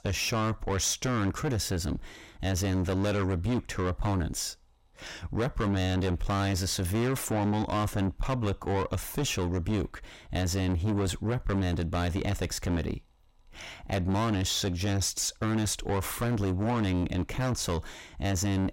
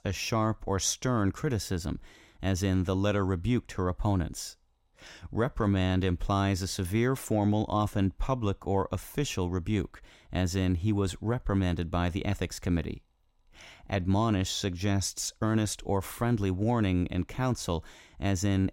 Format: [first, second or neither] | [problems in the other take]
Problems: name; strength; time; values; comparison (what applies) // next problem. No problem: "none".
second | distortion; heavy; 6 dB below the speech